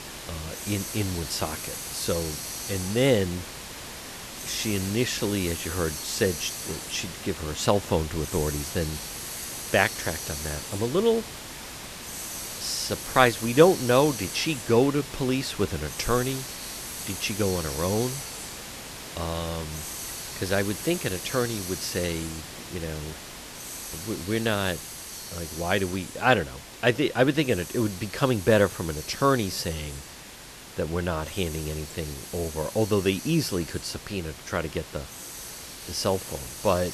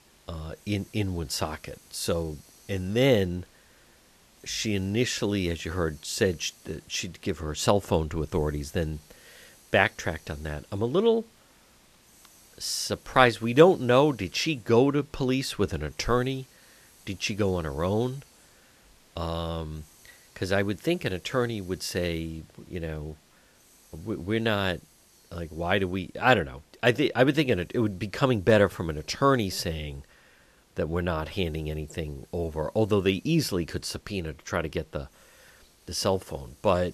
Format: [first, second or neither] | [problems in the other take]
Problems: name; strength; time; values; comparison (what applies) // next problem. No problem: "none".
second | hiss; loud; throughout; 8 dB below the speech; faint in the second